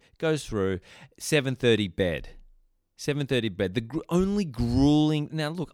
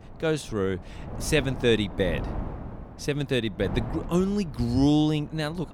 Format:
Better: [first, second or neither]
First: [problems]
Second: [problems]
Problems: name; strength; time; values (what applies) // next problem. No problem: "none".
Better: first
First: none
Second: wind noise on the microphone; occasional gusts; 15 dB below the speech